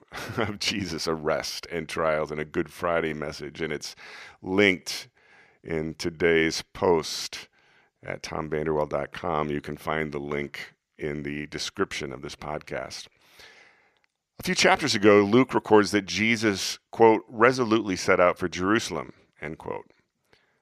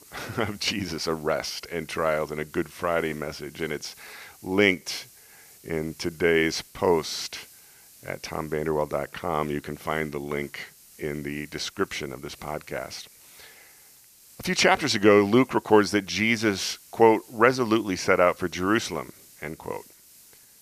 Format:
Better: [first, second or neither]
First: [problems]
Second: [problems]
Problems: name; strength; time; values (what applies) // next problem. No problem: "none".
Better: first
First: none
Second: hiss; faint; throughout; 25 dB below the speech